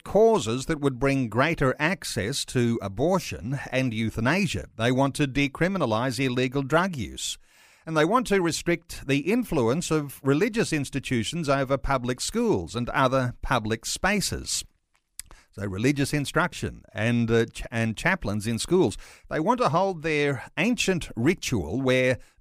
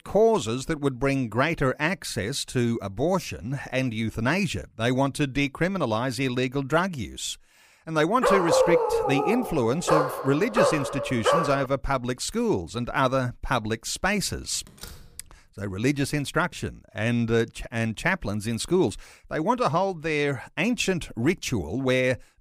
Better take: first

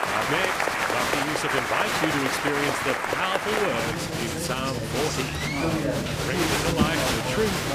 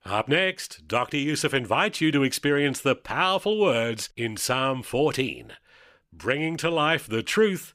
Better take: second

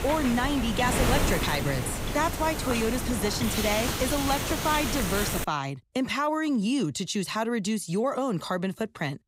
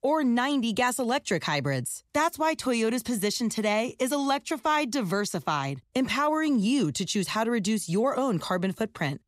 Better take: second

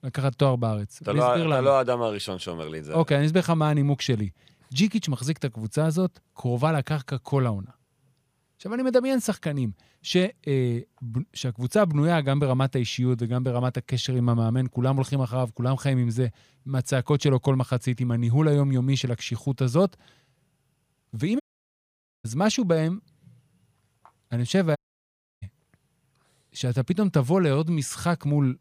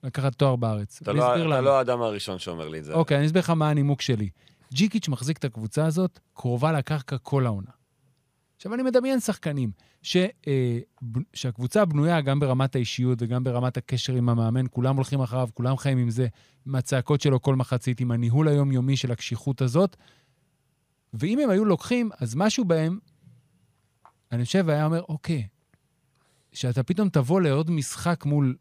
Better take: second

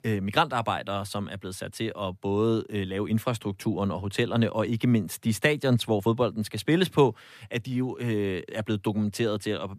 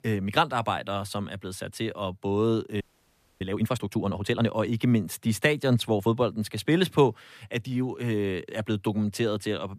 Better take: first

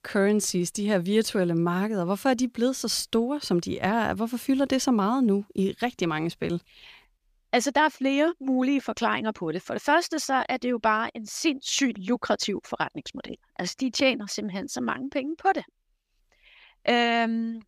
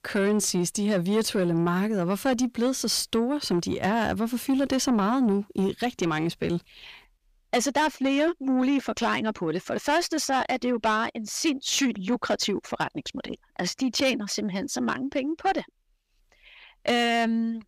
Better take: first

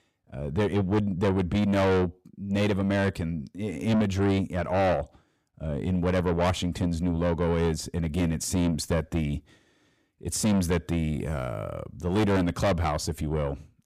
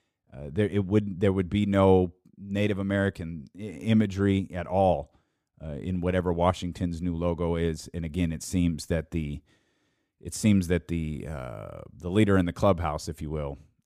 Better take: second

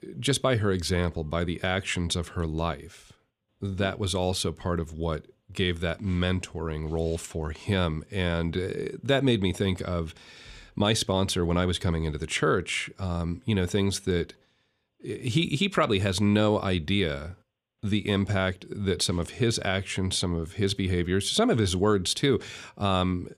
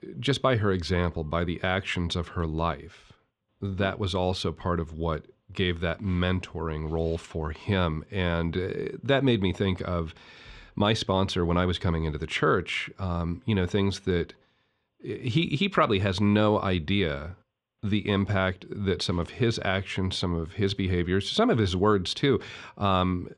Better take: first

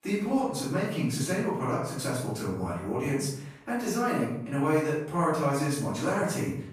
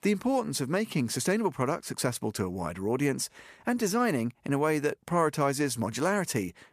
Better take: second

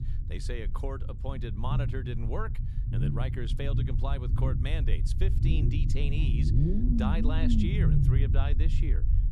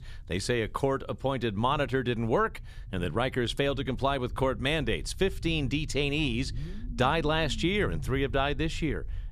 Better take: second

